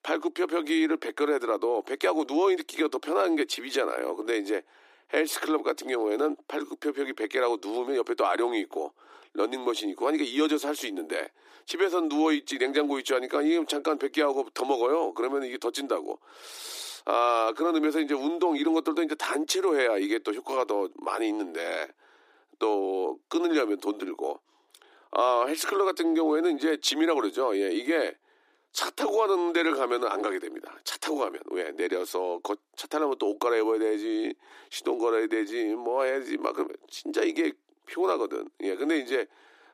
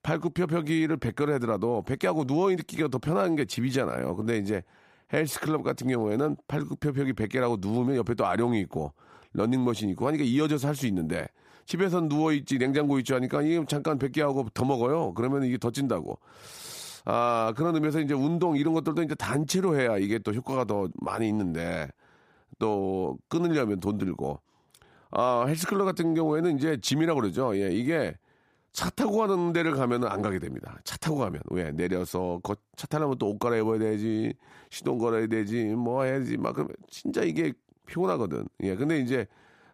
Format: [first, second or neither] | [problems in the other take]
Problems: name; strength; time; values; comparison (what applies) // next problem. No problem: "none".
second | thin; somewhat; fading below 300 Hz